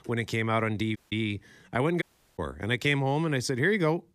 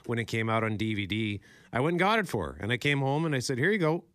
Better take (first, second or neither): second